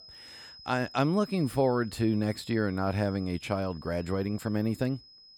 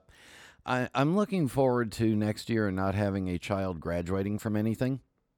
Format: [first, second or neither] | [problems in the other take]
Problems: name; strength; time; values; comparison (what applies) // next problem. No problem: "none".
second | high-pitched whine; noticeable; throughout; 5 kHz, 20 dB below the speech